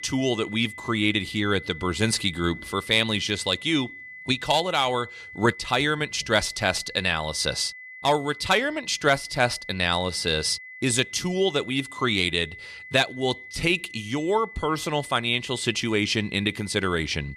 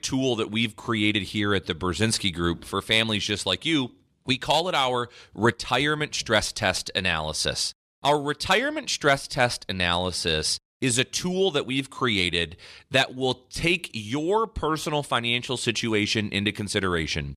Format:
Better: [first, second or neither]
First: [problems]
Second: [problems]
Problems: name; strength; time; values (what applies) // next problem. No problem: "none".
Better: second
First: high-pitched whine; noticeable; throughout; 2 kHz, 15 dB below the speech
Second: none